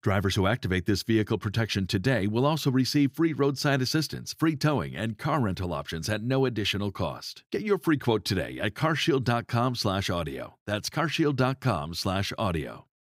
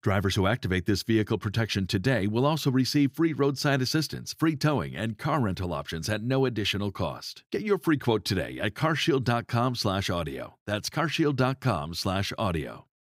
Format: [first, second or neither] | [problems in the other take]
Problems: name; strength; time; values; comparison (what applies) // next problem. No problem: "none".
neither | none